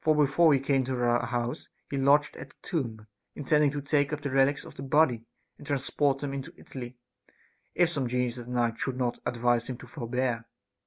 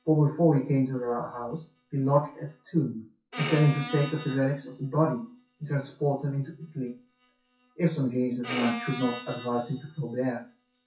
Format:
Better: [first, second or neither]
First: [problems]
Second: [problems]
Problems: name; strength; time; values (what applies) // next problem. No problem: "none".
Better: first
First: none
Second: noise reduction (classical method WPE with log-MMSE)